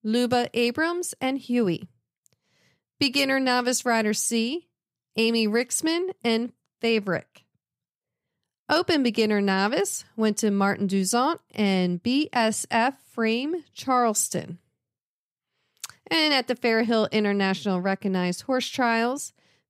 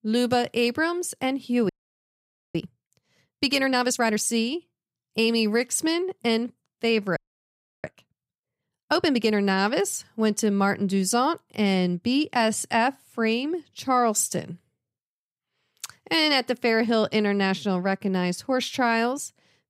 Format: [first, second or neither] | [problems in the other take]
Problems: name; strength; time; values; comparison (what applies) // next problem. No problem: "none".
first | audio freezing; at 1.5 s for 1 s and at 7 s for 0.5 s